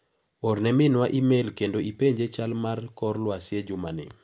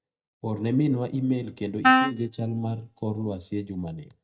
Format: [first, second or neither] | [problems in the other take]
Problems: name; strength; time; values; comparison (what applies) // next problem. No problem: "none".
first | noise reduction (neural mask model DeepFilterNet 3)